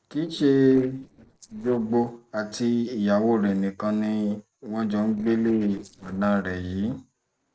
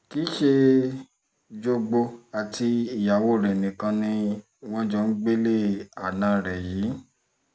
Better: second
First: noise reduction (neural separator model SepFormer DNS4)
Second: none

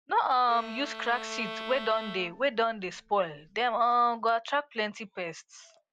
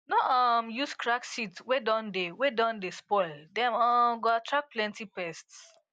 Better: second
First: background sound (Bowed string instrument); 13 dB below the speech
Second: none

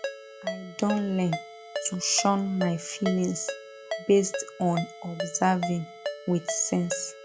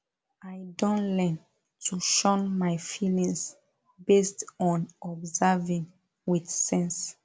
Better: second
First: background sound (Ringtone); 8 dB below the speech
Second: none

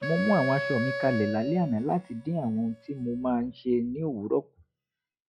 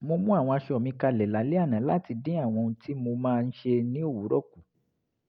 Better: second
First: noise reduction (classical method log-MMSE)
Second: none

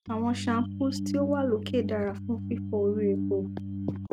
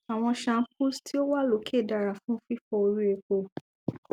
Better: second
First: background sound (Organ); 4 dB below the speech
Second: none

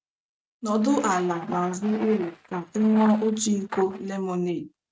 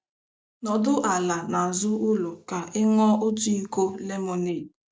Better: second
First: noise reduction (neural mask model RNNoise)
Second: none

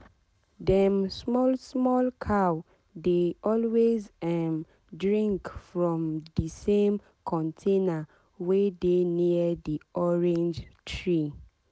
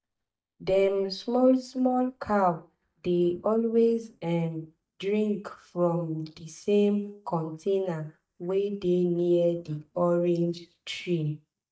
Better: first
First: none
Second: noise reduction (neural mask model DeepFilterNet 3)

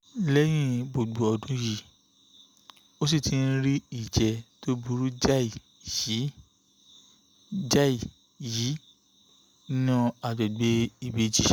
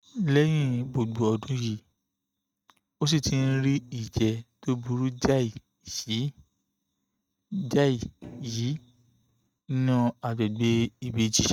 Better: first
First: none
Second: noise reduction (neural mask model RNNoise)

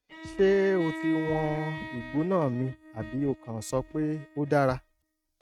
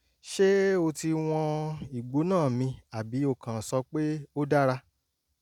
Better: second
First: noise reduction (neural mask model RNNoise)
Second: none

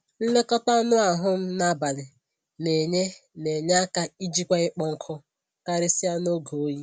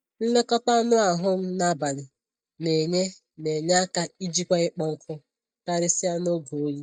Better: first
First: none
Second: noise reduction (neural mask model DeepFilterNet 3)

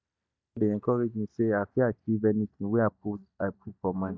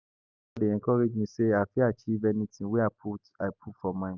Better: second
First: noise reduction (neural mask model DeepFilterNet 3)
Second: none

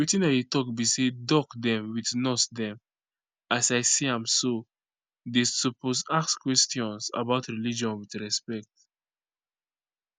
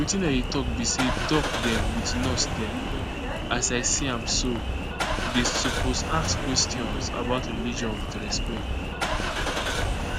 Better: first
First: none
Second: background sound (Engine starting / Car); 1 dB above the speech

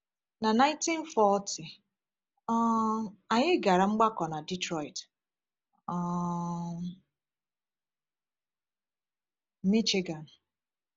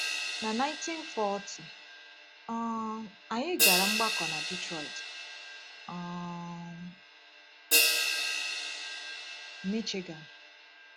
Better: first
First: none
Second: background sound (Crash cymbal); 4 dB above the speech

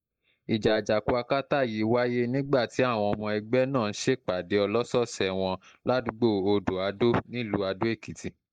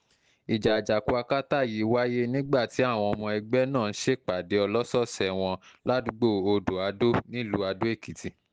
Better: second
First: noise reduction (neural mask model Resemble Enhance denoiser)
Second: none

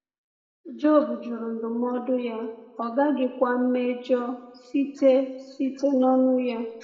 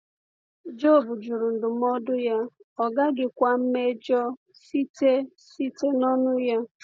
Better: second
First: room echo; dies away in 1.5 s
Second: none

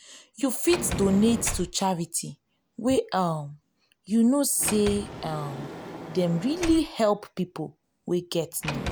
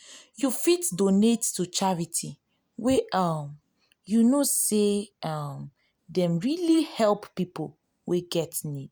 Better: second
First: background sound (Sliding door); 11 dB below the speech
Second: none

